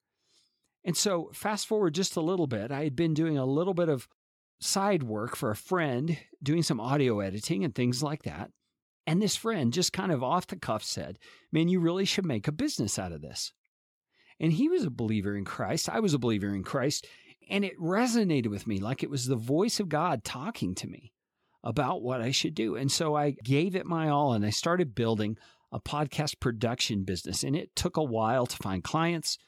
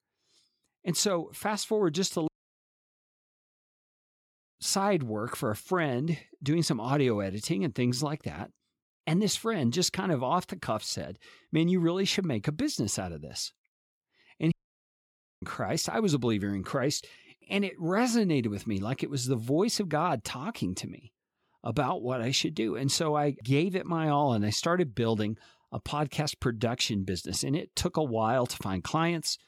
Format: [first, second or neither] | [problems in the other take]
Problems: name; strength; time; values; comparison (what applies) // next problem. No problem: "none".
first | audio cutting out; at 2.5 s for 2 s and at 15 s for 1 s